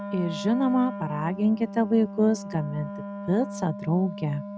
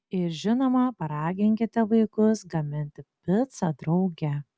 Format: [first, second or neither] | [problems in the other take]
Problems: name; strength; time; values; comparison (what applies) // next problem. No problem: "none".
second | background sound (Wind instrument, woodwind instrument); 10 dB below the speech